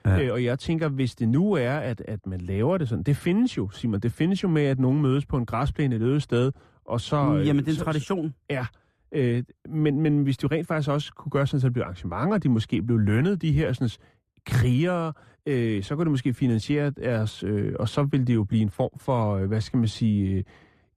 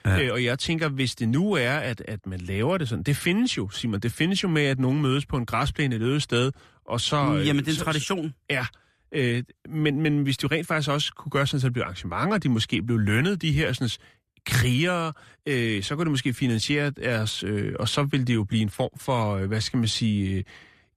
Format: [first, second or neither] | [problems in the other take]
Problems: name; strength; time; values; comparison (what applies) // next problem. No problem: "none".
second | muffled; slightly; fading above 1.5 kHz